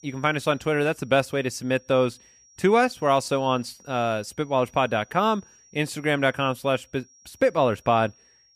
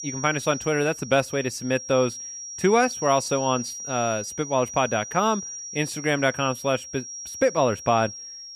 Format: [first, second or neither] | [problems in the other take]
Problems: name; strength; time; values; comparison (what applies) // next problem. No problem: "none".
first | high-pitched whine; loud; throughout; 5.5 kHz, 10 dB below the speech; faint in the first